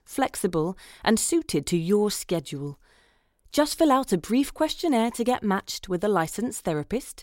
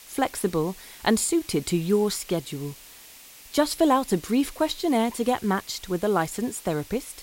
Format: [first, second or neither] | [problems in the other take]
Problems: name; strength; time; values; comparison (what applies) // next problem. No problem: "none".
first | hiss; noticeable; throughout; 20 dB below the speech